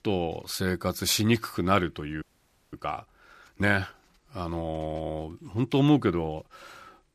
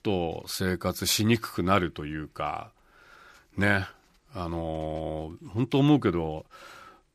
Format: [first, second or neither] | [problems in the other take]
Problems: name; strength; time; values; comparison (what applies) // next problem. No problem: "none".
second | audio freezing; at 2 s for 0.5 s